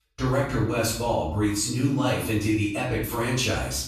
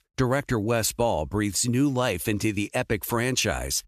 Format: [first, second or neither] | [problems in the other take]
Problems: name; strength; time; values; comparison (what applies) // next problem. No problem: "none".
second | off-mic speech; far // room echo; noticeable; dies away in 0.7 s